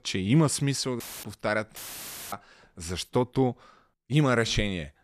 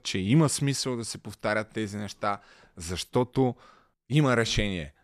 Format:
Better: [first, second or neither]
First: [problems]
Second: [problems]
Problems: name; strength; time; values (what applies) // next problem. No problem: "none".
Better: second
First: audio cutting out; filled with static; at 1 s and at 2 s for 0.5 s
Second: none